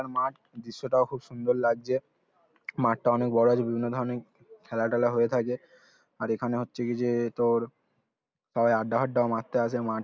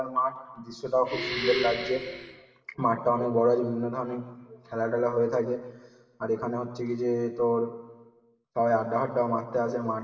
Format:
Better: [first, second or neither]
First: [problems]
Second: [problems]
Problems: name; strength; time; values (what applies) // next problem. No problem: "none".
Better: first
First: none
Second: background sound (Breathing); 6 dB below the speech // room echo; dies away in 1.2 s